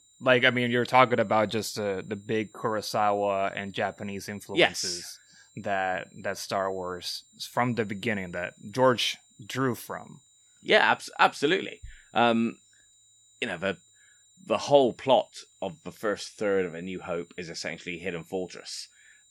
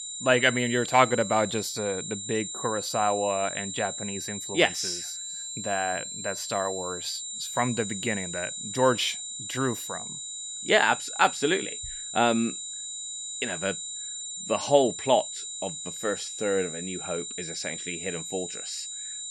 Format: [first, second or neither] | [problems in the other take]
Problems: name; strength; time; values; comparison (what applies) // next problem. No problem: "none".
first | high-pitched whine; loud; throughout; 7 kHz, 6 dB below the speech; faint in the first